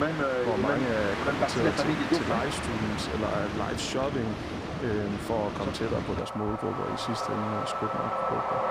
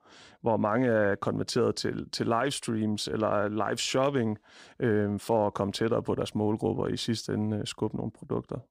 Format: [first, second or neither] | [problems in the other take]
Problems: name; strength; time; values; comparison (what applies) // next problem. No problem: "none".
second | train or aircraft noise; very loud; throughout; 2 dB above the speech